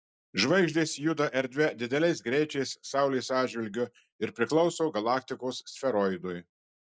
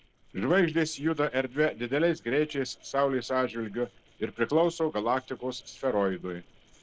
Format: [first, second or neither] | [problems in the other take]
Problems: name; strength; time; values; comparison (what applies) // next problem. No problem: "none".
first | noise reduction (neural separator model SepFormer DNS4)